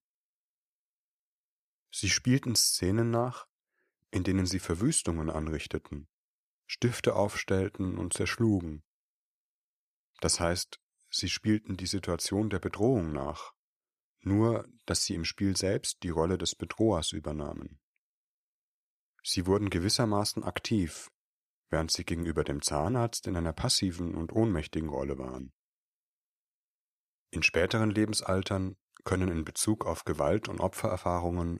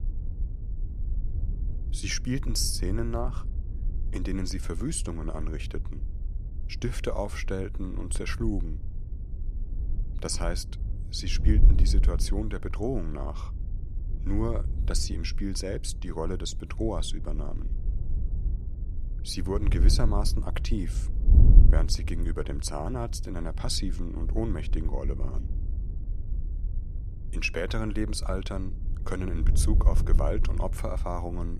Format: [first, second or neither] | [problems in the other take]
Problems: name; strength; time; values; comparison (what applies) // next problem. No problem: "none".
first | wind noise on the microphone; occasional gusts; 15 dB below the speech